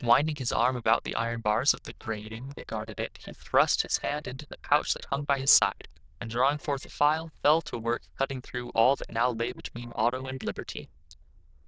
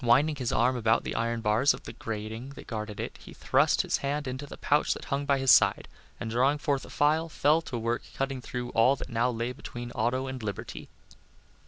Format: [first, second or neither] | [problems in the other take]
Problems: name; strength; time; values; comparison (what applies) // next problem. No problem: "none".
second | noise reduction (neural diffusion model UNIVERSE++)